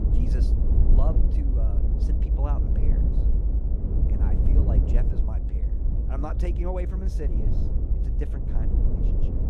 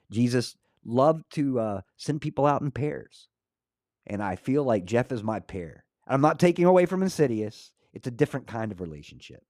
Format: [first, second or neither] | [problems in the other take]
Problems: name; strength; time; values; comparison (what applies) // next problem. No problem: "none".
second | low rumble; loud; throughout; 1 dB below the speech